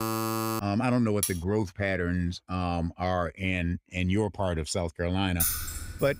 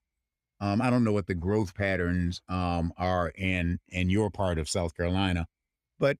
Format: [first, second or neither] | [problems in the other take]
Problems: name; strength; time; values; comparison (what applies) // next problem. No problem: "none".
second | alarm; noticeable; at the start; peak level with the speech // clattering dishes; noticeable; at 1 s; peak 2 dB below the speech // jangling keys; loud; at 5.5 s; peak 2 dB above the speech